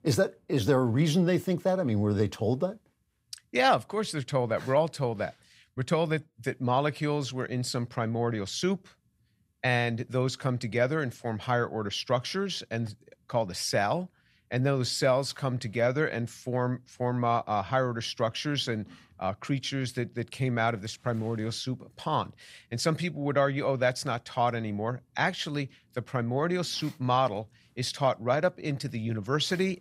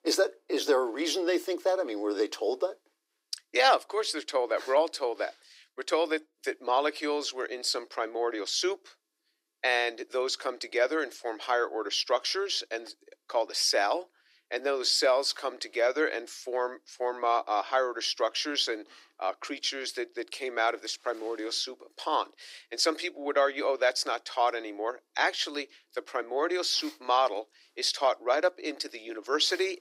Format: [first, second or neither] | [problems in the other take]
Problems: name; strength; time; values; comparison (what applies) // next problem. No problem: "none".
first | thin; very; fading below 300 Hz